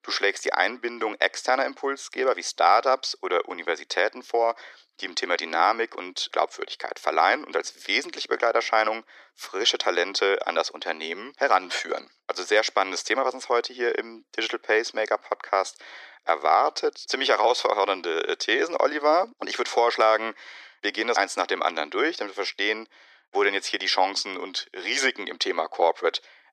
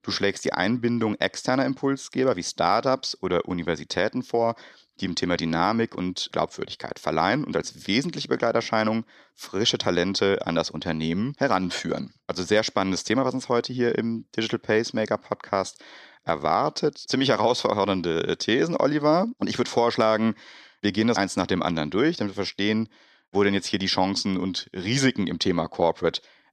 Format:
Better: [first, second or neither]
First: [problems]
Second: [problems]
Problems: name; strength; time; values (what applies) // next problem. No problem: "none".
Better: second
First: thin; very; fading below 350 Hz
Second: none